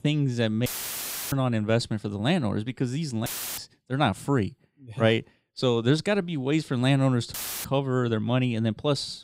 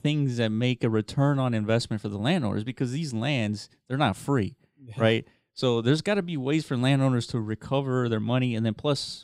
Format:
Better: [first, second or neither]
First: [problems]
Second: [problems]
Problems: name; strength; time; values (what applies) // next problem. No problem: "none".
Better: second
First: audio cutting out; filled with static; at 0.5 s for 0.5 s, at 3.5 s and at 7.5 s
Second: none